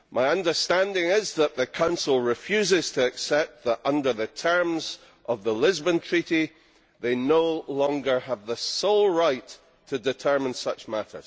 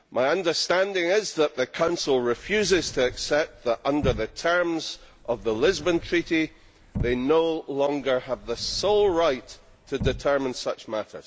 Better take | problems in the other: first | background sound (Sliding door / Slam / Wood); 13 dB below the speech

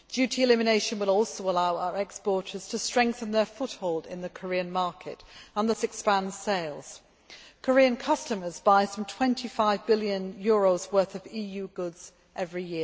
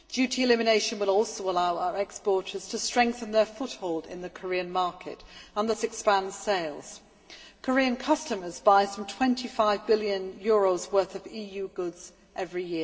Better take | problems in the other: first | room echo; dies away in 0.6 s

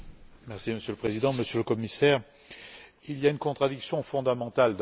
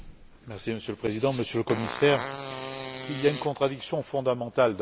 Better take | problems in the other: first | background sound (Fart); 10 dB below the speech

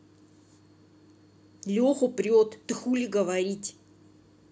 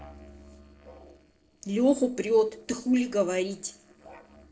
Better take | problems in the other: first | noise reduction (neural separator model SepFormer DNS4)

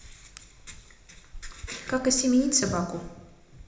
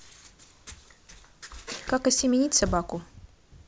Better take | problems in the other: second | background sound (Hands); 17 dB below the speech // room echo; dies away in 1 s

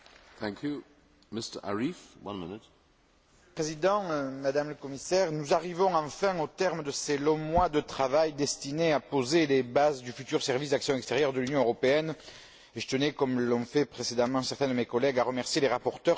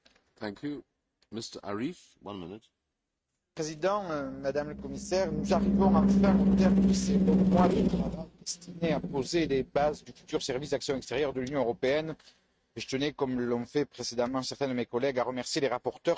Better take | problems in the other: first | noise reduction (neural mask model RNNoise)

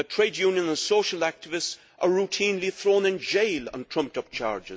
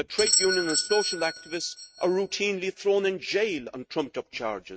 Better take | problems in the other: first | noise reduction (neural mask model RNNoise)

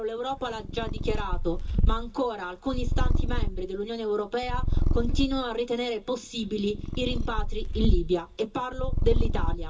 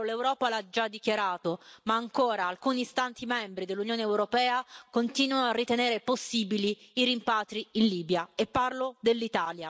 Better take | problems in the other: second | background sound (Purr); 4 dB above the speech // room echo; dies away in 0.2 s

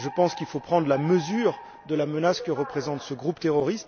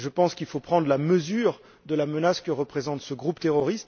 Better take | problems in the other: second | background sound (Alarm); 15 dB below the speech

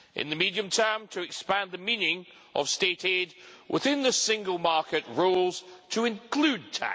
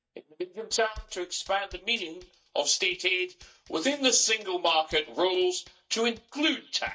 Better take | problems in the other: first | noise reduction (neural mask model DeepFilterNet 3)

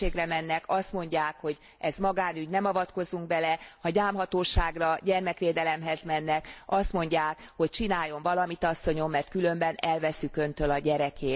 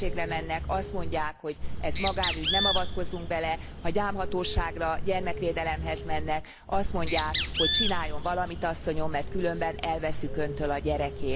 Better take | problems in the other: first | background sound (Bird); as loud as the speech

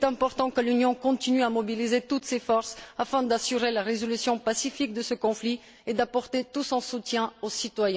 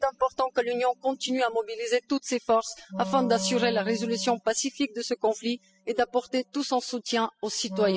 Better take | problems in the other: first | noise reduction (classical method spectral subtraction)

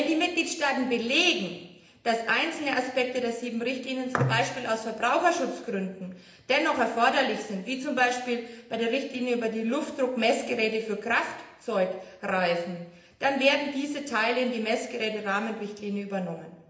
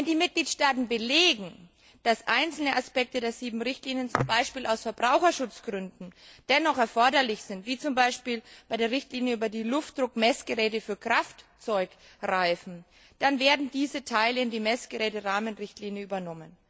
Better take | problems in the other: second | room echo; dies away in 0.8 s

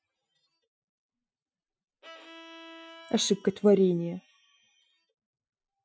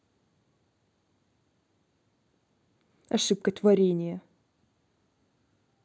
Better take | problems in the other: second | noise reduction (classical method Wiener filter)

